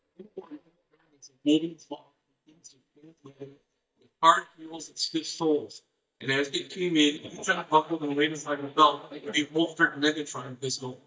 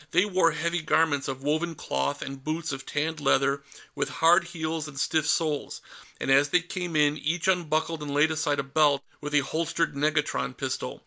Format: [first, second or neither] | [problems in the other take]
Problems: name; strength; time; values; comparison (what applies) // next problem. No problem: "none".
second | noise reduction (neural mask model DeepFilterNet 3)